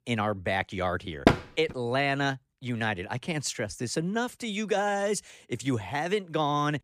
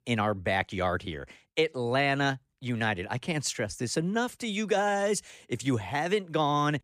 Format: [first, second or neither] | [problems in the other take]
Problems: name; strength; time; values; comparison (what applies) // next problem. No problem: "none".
second | door banging; loud; at 1.5 s; peak 5 dB above the speech